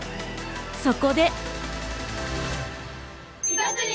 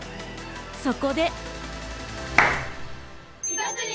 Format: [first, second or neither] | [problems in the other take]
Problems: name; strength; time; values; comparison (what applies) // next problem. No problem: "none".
first | background sound (Clapping); 4 dB above the speech